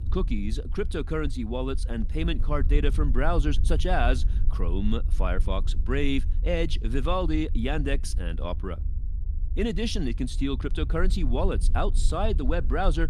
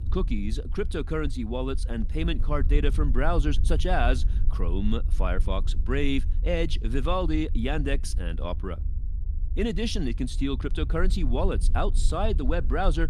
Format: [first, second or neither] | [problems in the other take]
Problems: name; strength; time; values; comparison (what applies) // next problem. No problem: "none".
neither | low rumble; noticeable; throughout; 20 dB below the speech; the same in both